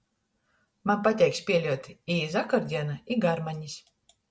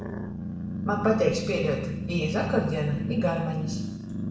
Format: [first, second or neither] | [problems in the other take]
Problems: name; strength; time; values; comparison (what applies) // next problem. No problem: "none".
first | background sound (Growling); 3 dB below the speech // room echo; dies away in 0.8 s